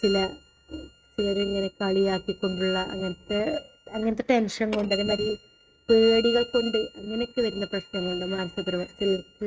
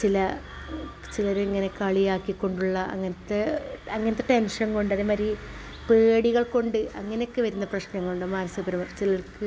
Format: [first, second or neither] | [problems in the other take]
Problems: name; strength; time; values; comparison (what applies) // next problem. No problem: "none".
second | noise reduction (neural mask model RNNoise)